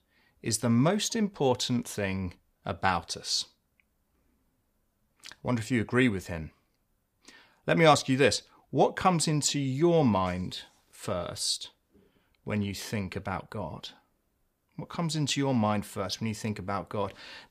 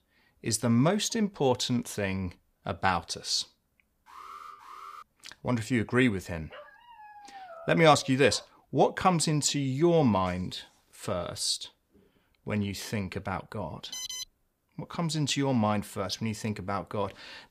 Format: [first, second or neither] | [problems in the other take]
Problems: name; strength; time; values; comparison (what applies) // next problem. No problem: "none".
first | alarm; faint; at 4 s; peak 15 dB below the speech // dog barking; faint; from 6.5 to 8.5 s; peak 15 dB below the speech // alarm; noticeable; at 14 s; peak 7 dB below the speech